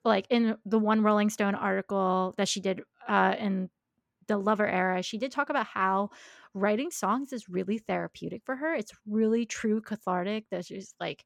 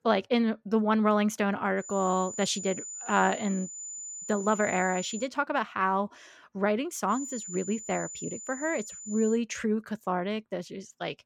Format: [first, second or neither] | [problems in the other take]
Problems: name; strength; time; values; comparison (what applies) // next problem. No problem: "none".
first | high-pitched whine; loud; from 2 to 5 s and from 7 to 9.5 s; 7 kHz, 10 dB below the speech